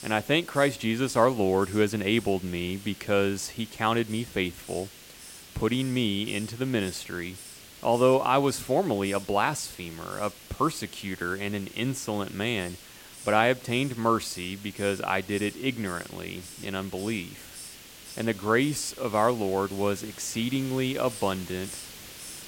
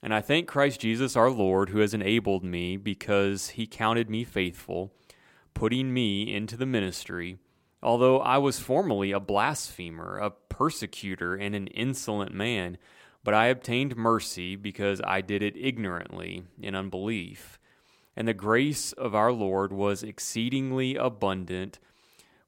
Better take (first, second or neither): second